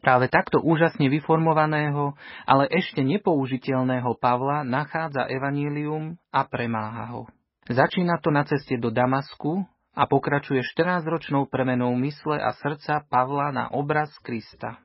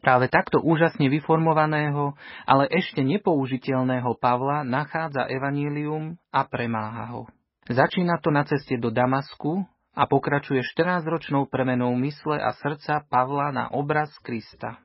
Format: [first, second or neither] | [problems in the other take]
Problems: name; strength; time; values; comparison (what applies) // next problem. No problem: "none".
neither | garbled, watery; badly; nothing above 5.5 kHz; the same in both